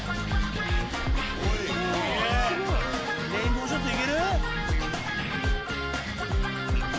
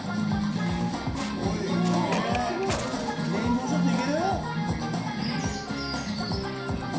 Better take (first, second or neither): first